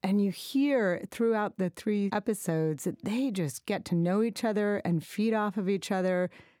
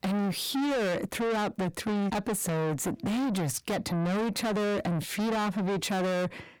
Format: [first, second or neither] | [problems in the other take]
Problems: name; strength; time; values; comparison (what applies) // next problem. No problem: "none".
first | distortion; heavy; 6 dB below the speech